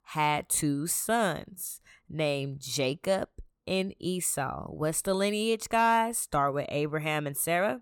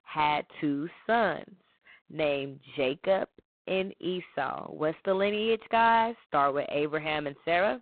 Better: first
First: none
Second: phone-call audio; poor line

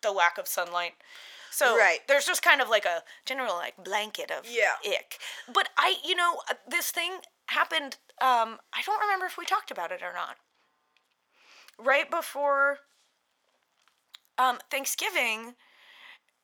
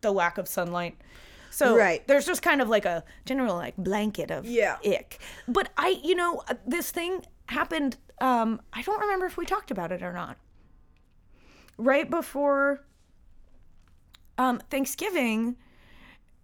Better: second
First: thin; very; fading below 800 Hz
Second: none

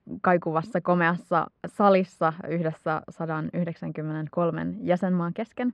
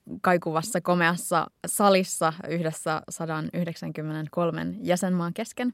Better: second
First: muffled; very; fading above 2 kHz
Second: none

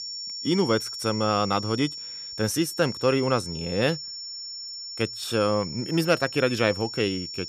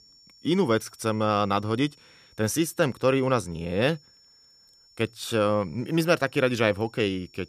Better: second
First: high-pitched whine; loud; throughout; 5.5 kHz, 8 dB below the speech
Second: high-pitched whine; faint; throughout; 5.5 kHz, 30 dB below the speech

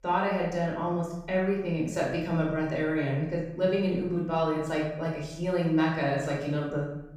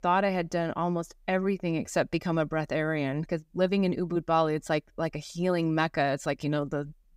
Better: second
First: off-mic speech; far // room echo; noticeable; dies away in 0.9 s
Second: none

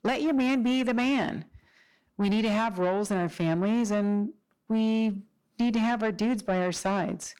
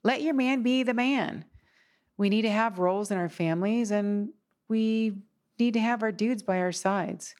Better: second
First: distortion; slight; 10 dB below the speech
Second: none

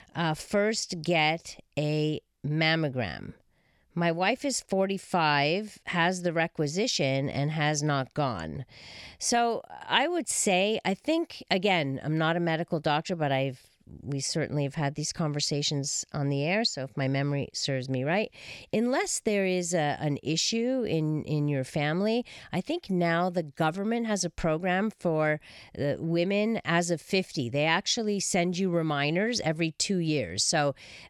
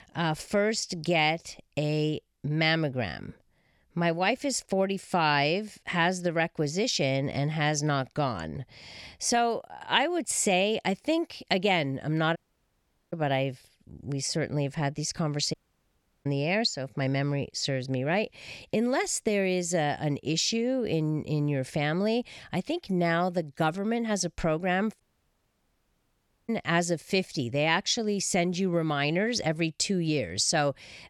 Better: first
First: none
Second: audio cutting out; at 12 s for 1 s, at 16 s for 0.5 s and at 25 s for 1.5 s

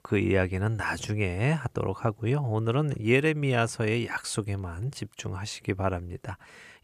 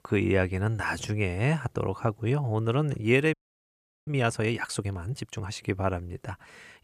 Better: first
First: none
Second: audio freezing; at 3.5 s for 0.5 s

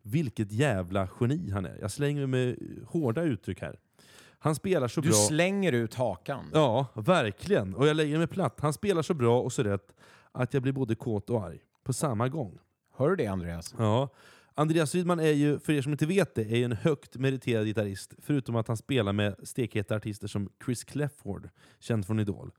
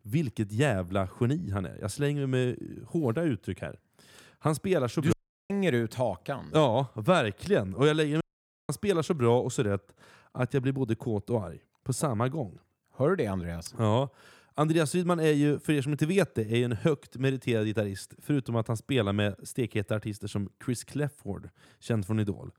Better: first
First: none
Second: audio cutting out; at 5 s and at 8 s

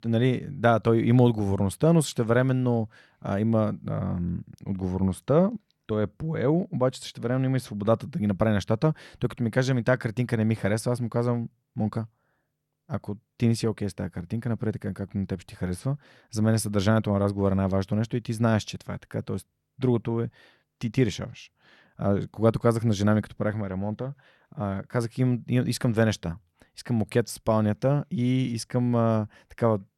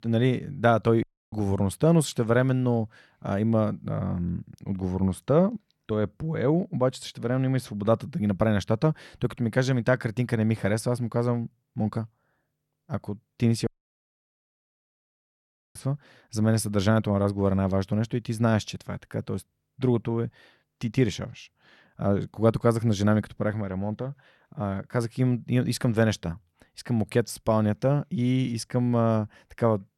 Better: first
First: none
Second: audio cutting out; at 1 s and at 14 s for 2 s

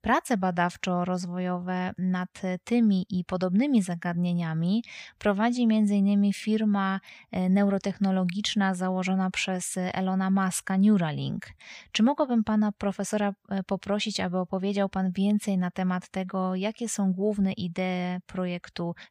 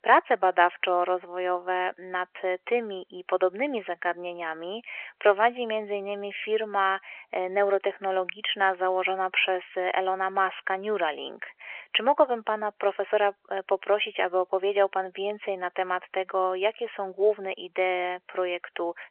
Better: first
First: none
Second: phone-call audio; nothing above 3 kHz

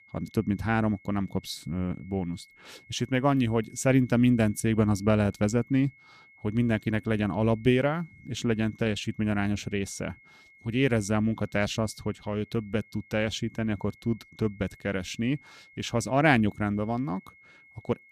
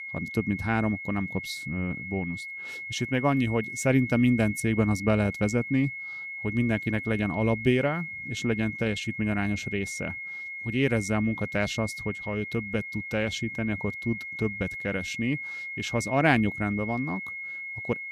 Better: first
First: high-pitched whine; faint; throughout; 2 kHz, 25 dB below the speech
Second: high-pitched whine; loud; throughout; 2 kHz, 7 dB below the speech

